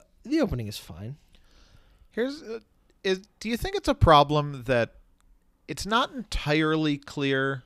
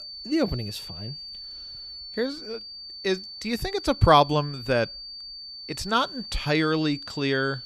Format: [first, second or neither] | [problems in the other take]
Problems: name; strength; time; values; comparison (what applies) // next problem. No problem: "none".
first | high-pitched whine; noticeable; throughout; 4.5 kHz, 10 dB below the speech